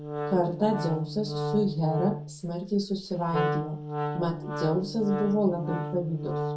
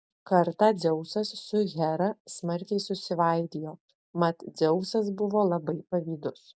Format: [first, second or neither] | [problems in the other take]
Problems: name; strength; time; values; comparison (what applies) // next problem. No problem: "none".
second | background sound (Wind instrument, woodwind instrument); 5 dB below the speech // room echo; dies away in 0.3 s